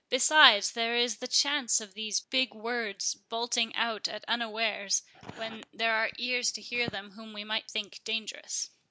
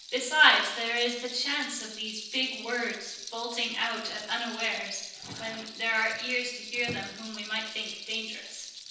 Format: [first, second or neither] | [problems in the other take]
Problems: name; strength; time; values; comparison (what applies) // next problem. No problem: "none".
first | background sound (Rattle); 14 dB below the speech // room echo; dies away in 0.9 s